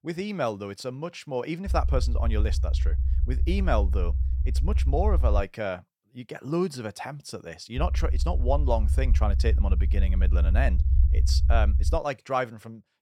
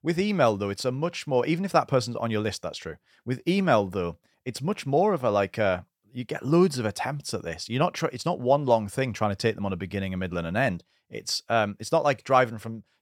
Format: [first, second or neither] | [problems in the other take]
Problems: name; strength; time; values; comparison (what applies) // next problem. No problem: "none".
second | low rumble; noticeable; from 1.5 to 5.5 s and from 8 to 12 s; 15 dB below the speech